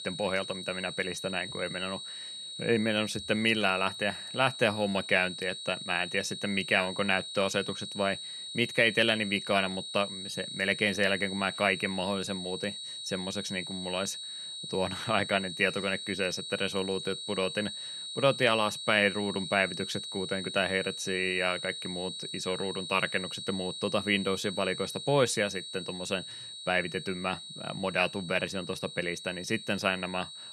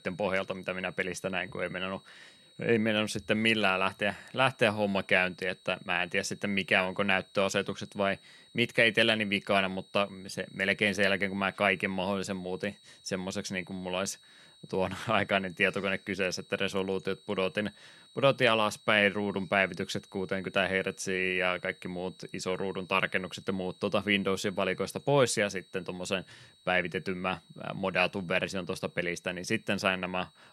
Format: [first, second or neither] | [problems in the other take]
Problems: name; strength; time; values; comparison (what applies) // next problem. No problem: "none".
second | high-pitched whine; loud; throughout; 4 kHz, 8 dB below the speech; faint in the second